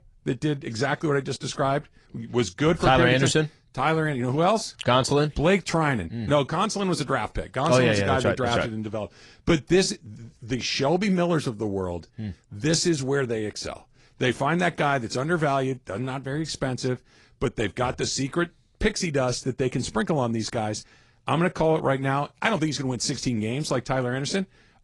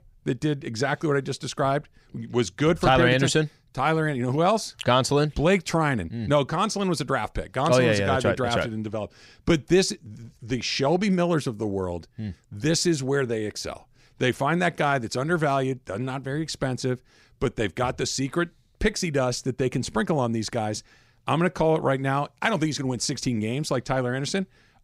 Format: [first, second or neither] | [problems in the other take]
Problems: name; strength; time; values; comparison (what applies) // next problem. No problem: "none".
second | garbled, watery; slightly; nothing above 10 kHz